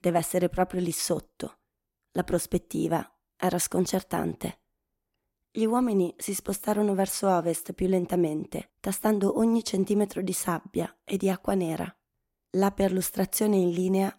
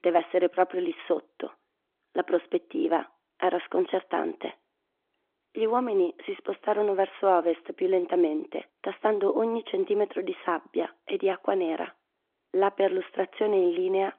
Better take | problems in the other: first | phone-call audio; nothing above 3.5 kHz

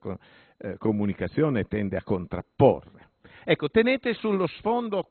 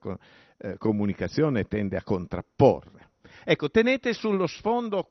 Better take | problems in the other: second | garbled, watery; badly; nothing above 4 kHz; slightly in the second

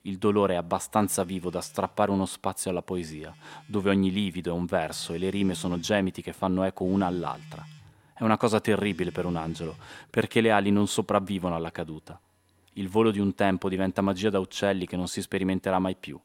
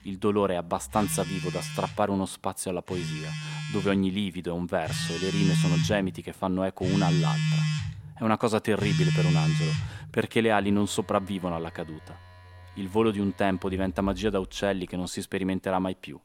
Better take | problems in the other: first | alarms or sirens; loud; throughout; as loud as the speech; faint in the first

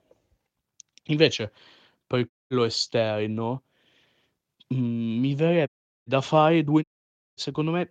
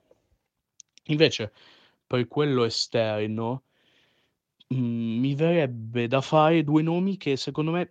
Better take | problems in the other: second | audio cutting out; at 2.5 s, at 5.5 s and at 7 s for 0.5 s

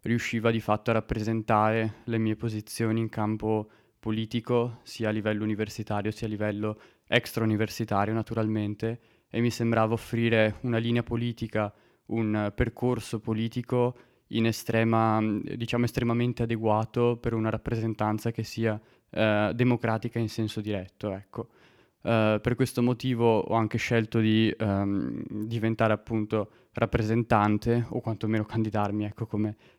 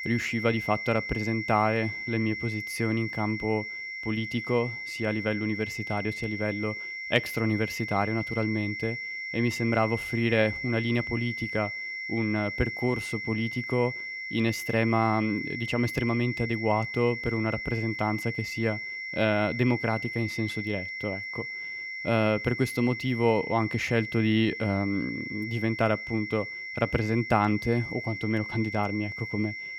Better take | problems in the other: first | high-pitched whine; loud; throughout; 2 kHz, 5 dB below the speech

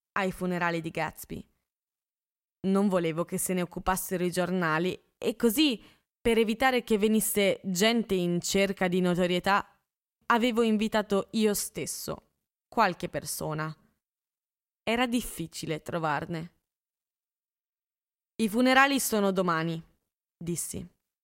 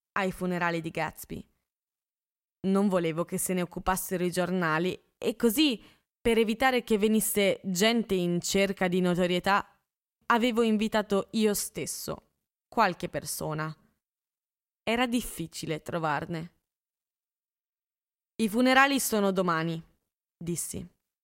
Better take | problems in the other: neither | none

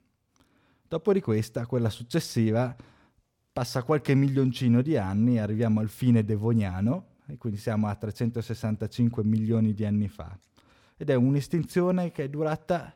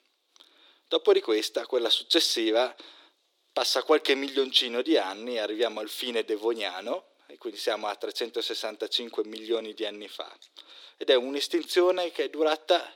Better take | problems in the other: first | thin; very; fading below 300 Hz

